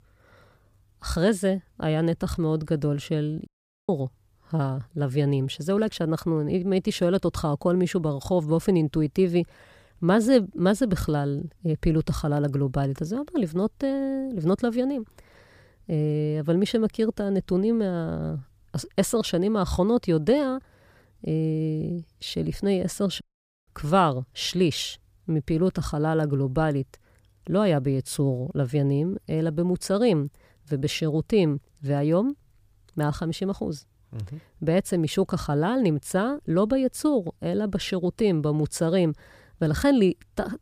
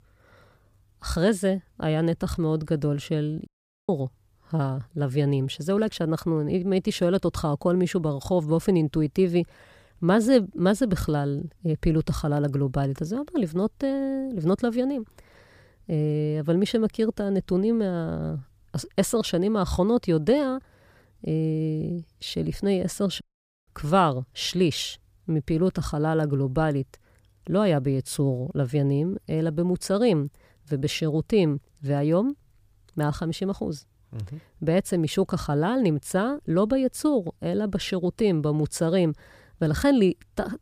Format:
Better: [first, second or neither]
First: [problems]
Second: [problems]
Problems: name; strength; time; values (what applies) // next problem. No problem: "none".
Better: neither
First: audio cutting out; at 3.5 s and at 23 s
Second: audio cutting out; at 3.5 s and at 23 s